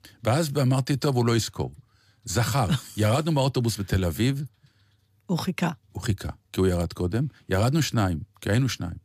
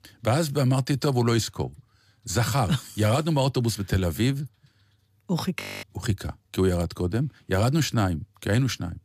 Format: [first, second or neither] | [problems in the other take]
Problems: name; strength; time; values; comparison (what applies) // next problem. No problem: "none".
first | audio freezing; at 5.5 s